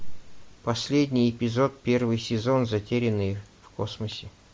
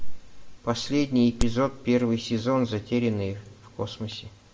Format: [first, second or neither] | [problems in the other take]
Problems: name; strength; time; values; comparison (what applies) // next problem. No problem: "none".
first | background sound (Crack); 6 dB below the speech // room echo; dies away in 1.7 s